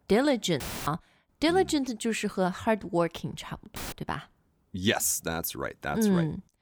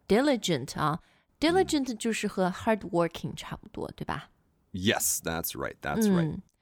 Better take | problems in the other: second | audio cutting out; filled with static; at 0.5 s and at 4 s

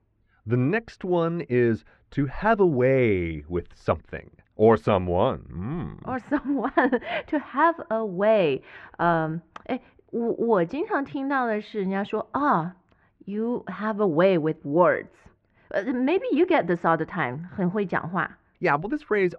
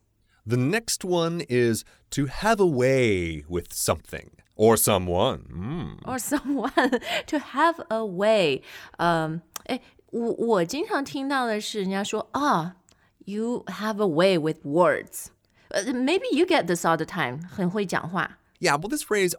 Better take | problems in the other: second | muffled; very; fading above 2 kHz

